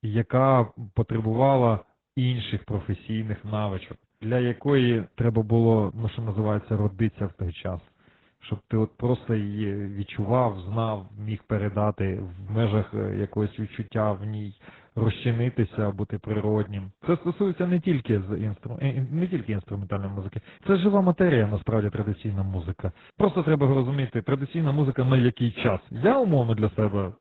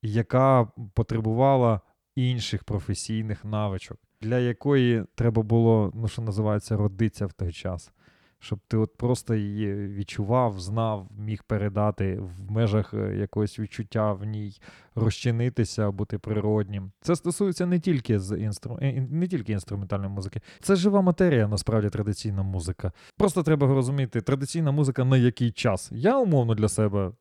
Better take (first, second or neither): second